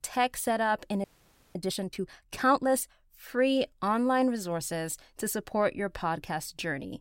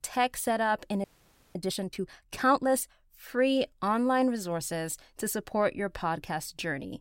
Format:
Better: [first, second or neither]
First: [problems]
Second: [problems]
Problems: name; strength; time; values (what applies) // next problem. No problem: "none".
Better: neither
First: audio freezing; at 1 s for 0.5 s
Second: audio freezing; at 1 s for 0.5 s